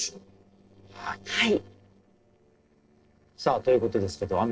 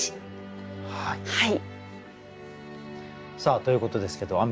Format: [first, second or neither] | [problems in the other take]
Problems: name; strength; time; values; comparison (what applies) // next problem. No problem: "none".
second | noise reduction (neural separator model SepFormer DNS4)